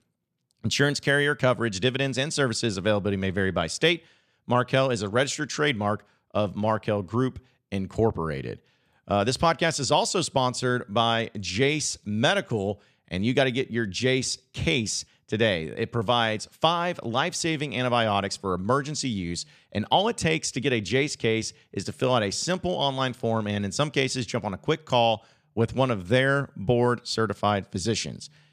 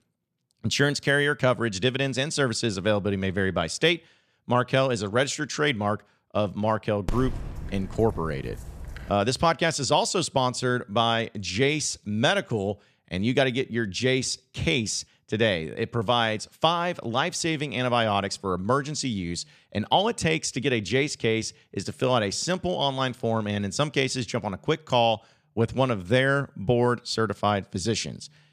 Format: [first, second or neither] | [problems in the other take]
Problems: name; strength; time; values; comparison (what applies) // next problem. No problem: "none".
first | dog barking; noticeable; from 7 to 9 s; peak 9 dB below the speech